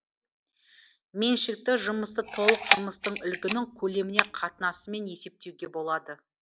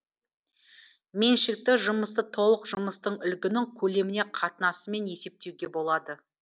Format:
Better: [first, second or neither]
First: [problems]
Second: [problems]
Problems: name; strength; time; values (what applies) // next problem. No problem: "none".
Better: second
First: background sound (Camera); as loud as the speech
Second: none